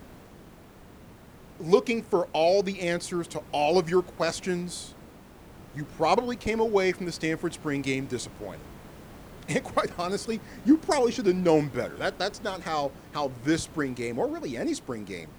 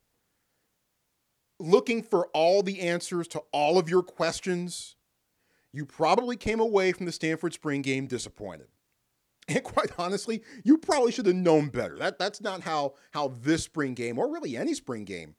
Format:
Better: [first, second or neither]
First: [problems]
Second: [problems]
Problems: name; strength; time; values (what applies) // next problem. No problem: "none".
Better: second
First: hiss; faint; throughout; 20 dB below the speech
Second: none